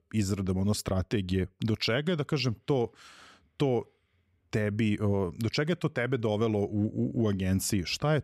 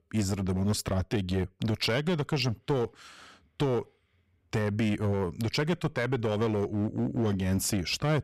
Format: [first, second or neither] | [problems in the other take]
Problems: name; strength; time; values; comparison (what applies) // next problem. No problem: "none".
first | distortion; slight; 8% of the sound clipped